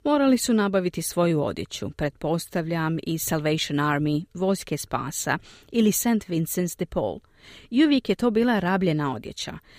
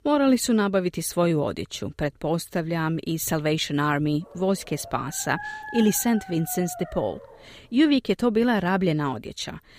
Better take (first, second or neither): first